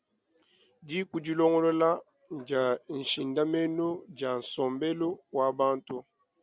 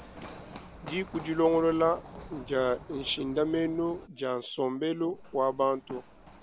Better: first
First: none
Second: background sound (Run); 17 dB below the speech

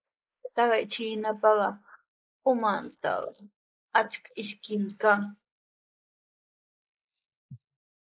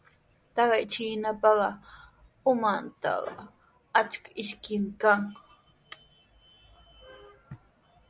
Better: second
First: noise reduction (neural mask model Resemble Enhance denoiser)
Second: none

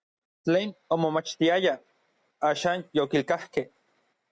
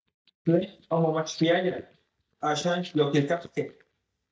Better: first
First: none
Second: noise reduction (neural mask model DeepFilterNet 3)

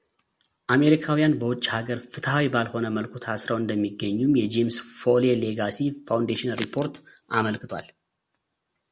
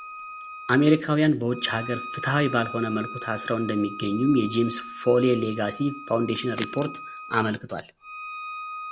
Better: first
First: none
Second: background sound (Bowed string instrument); 12 dB below the speech

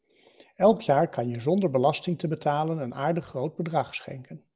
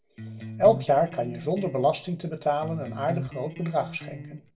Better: first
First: none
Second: background sound (Electric guitar); 11 dB below the speech // room echo; dies away in 0.2 s

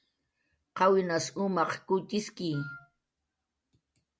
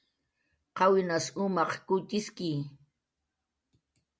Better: second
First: background sound (Wind instrument, woodwind instrument); 16 dB below the speech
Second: none

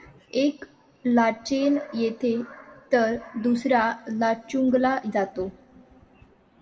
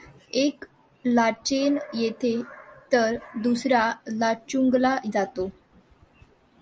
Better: second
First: room echo; dies away in 1.7 s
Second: none

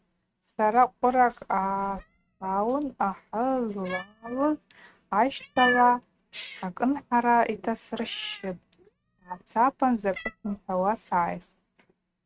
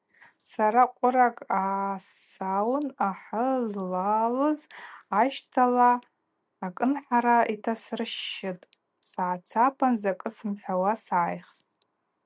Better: second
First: noise reduction (neural mask model RNNoise)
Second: none

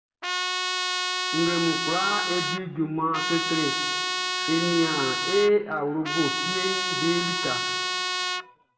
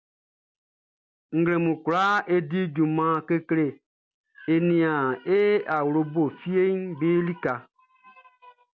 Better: second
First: background sound (Trumpet); as loud as the speech // room echo; dies away in 1.8 s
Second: none

